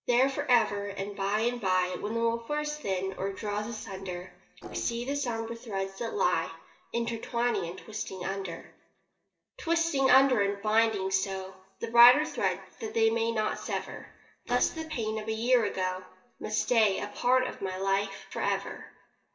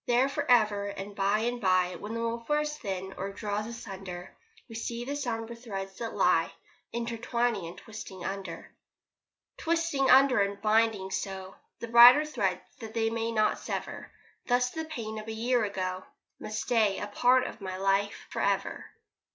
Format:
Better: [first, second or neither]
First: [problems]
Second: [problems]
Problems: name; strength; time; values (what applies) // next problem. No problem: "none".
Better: second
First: noise reduction (neural separator model SepFormer DNS4)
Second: none